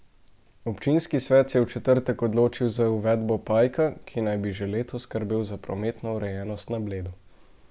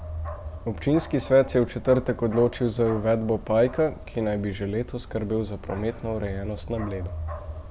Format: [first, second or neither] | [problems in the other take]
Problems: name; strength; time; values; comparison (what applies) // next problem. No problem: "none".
first | background sound (Bark); 12 dB below the speech